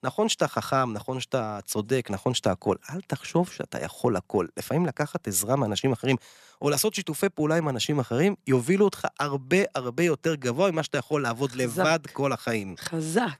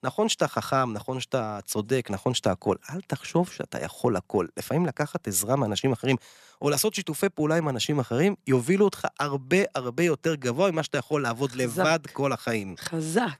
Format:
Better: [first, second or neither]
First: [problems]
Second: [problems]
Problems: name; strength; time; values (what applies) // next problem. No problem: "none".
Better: neither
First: none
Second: none